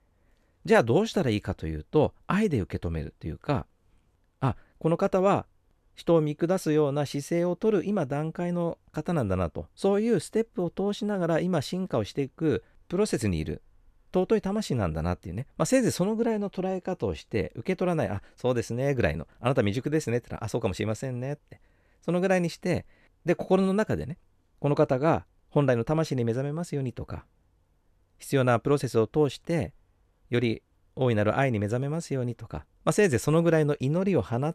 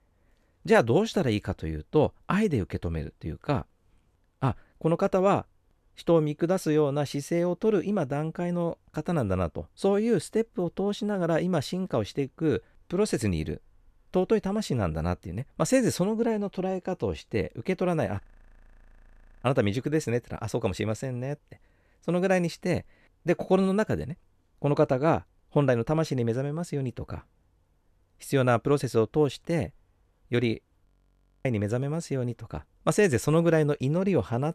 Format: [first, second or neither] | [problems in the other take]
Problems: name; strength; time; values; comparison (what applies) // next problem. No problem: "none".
first | audio freezing; at 18 s for 1 s and at 31 s for 0.5 s